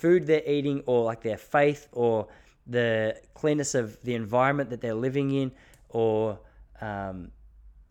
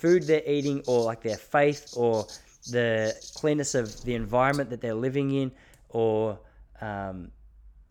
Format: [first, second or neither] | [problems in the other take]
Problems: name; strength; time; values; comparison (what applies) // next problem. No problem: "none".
first | animal sounds; noticeable; until 4.5 s; 15 dB below the speech